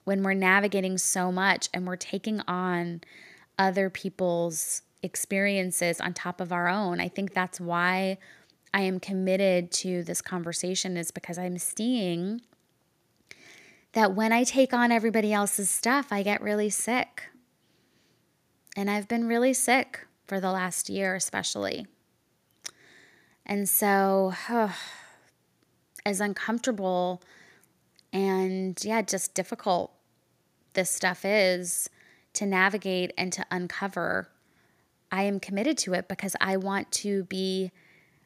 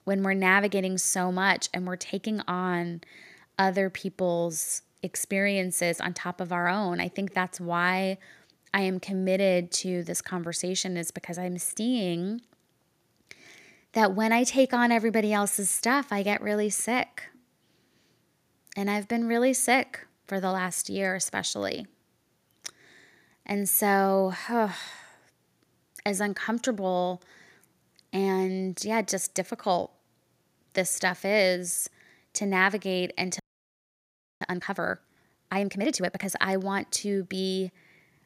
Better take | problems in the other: first | audio freezing; at 33 s for 1 s

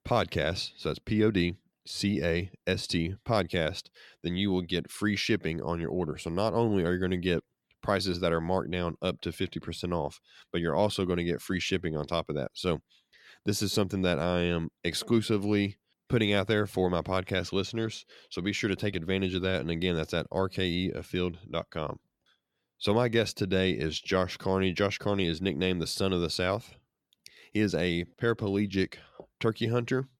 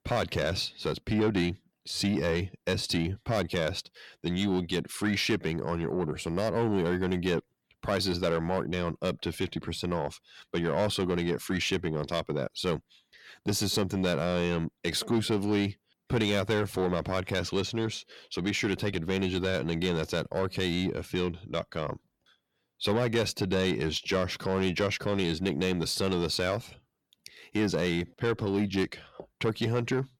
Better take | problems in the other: first | distortion; slight; 10 dB below the speech

